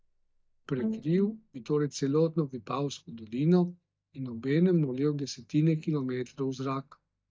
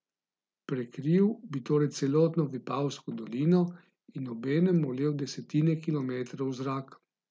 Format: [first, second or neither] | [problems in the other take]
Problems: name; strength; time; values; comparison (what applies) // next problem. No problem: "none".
second | noise reduction (neural mask model DeepFilterNet 3)